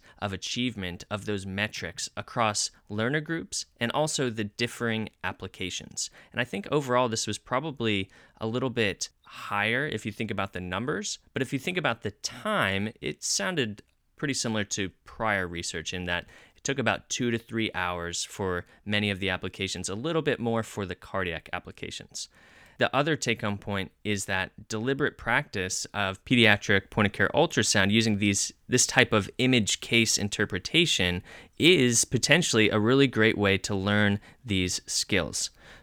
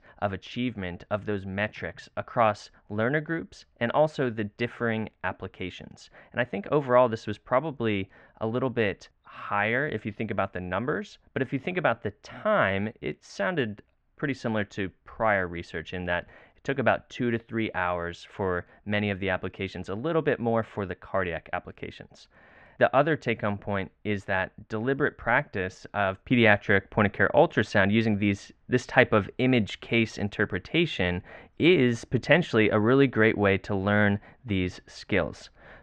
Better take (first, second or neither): first